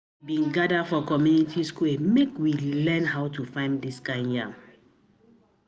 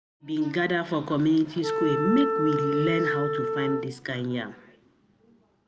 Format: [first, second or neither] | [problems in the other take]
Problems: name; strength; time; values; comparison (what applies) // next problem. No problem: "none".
first | background sound (Wind instrument, woodwind instrument); 1 dB below the speech